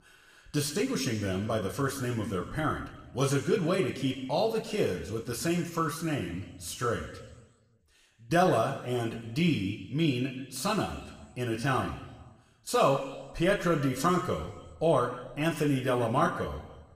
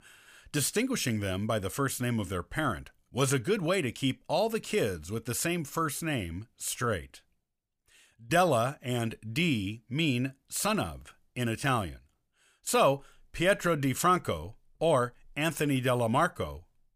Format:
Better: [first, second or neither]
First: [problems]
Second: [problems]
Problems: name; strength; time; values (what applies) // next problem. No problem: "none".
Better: second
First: room echo; slight; dies away in 1.2 s // off-mic speech; somewhat distant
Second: none